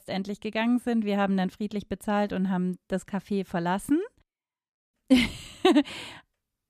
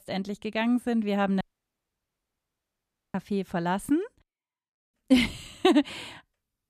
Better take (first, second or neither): first